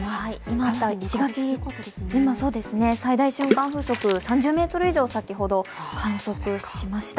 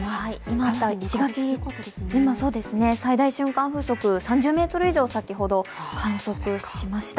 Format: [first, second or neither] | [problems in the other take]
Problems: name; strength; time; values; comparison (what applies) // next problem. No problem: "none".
second | background sound (Water / Splash, splatter); 8 dB below the speech